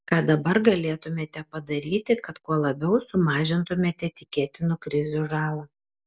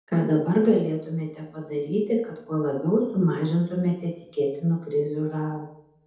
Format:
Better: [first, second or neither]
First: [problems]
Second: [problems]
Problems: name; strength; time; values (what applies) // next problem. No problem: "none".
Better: first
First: none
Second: room echo; dies away in 0.8 s